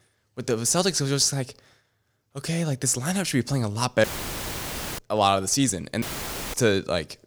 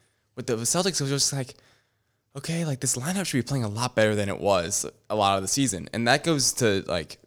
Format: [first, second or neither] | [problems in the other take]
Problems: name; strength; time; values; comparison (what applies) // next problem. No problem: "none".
second | audio cutting out; filled with static; at 4 s for 1 s and at 6 s for 0.5 s